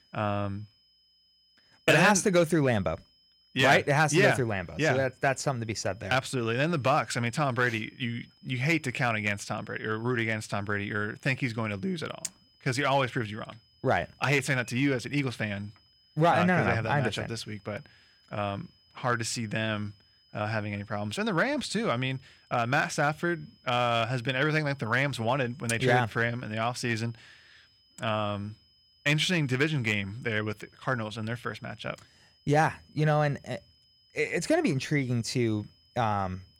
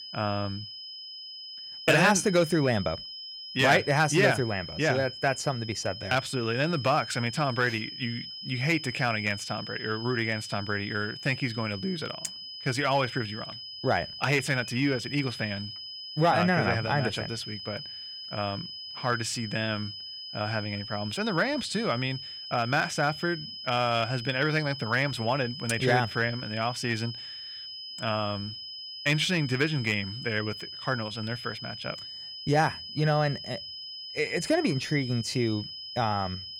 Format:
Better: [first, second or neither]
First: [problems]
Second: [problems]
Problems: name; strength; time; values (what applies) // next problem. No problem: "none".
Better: first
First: high-pitched whine; faint; throughout; 5 kHz, 35 dB below the speech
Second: high-pitched whine; loud; throughout; 5 kHz, 10 dB below the speech